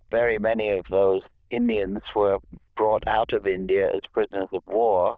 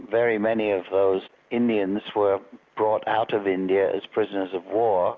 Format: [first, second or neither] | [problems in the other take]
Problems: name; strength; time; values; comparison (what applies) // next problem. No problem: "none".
second | noise reduction (neural diffusion model UNIVERSE++)